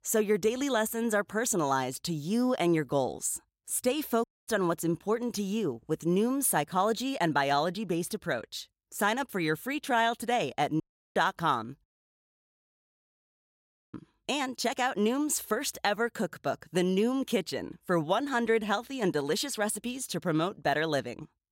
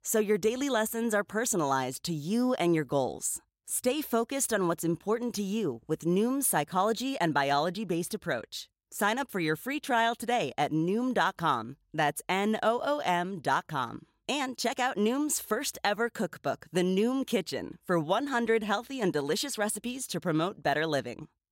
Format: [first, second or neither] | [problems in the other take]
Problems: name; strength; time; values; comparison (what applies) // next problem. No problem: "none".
second | audio cutting out; at 4 s, at 11 s and at 12 s for 2 s